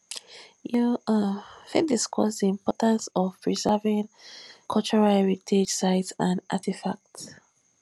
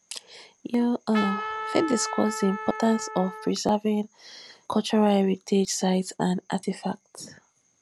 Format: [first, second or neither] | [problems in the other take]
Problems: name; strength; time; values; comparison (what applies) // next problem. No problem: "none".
first | background sound (Trumpet); 8 dB below the speech